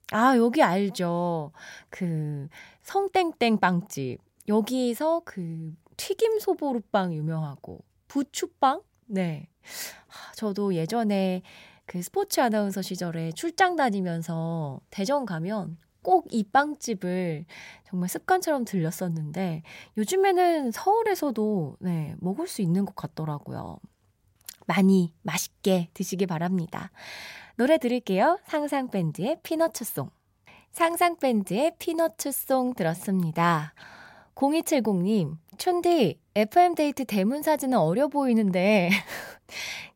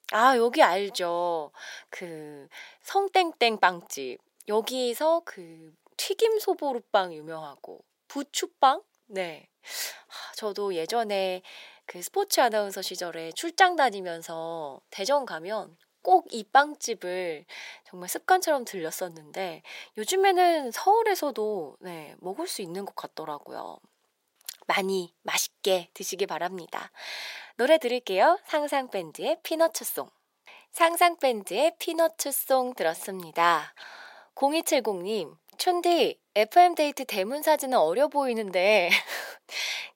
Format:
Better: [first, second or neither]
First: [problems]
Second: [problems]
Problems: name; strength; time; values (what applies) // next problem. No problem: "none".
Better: first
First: none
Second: thin; somewhat; fading below 400 Hz